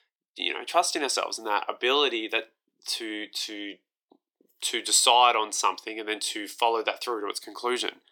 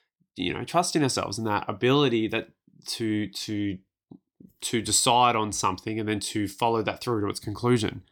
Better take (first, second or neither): second